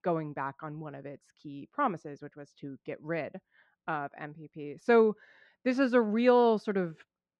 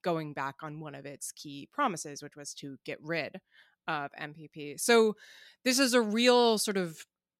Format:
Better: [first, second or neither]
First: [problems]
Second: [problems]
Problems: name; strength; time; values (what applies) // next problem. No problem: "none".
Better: second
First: muffled; very; fading above 1.5 kHz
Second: none